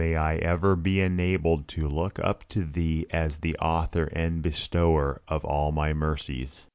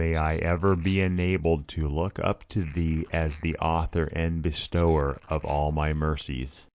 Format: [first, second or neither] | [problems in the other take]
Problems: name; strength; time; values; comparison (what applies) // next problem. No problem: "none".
first | noise reduction (neural mask model Resemble Enhance denoiser)